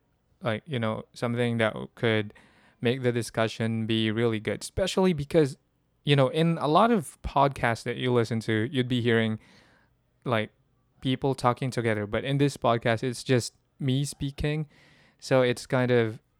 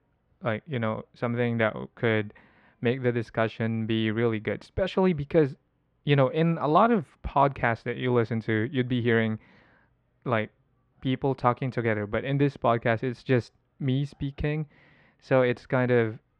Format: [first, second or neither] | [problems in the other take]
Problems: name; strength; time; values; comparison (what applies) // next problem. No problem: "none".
first | muffled; slightly; fading above 2 kHz